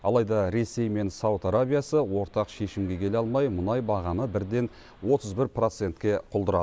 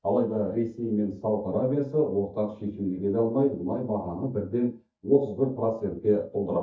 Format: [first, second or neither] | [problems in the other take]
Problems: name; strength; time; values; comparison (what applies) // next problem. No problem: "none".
first | noise reduction (neural mask model DeepFilterNet 3)